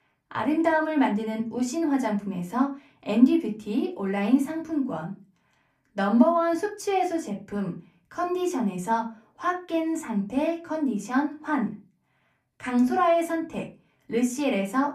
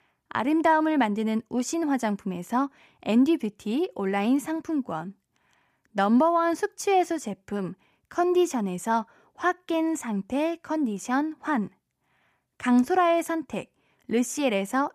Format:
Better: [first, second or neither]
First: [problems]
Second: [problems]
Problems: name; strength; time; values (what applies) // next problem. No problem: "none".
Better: second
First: off-mic speech; far // room echo; very slight; dies away in 0.3 s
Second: none